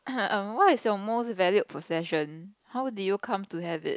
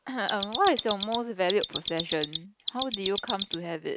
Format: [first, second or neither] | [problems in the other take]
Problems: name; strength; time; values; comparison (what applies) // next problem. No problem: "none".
first | background sound (Mechanisms); 5 dB below the speech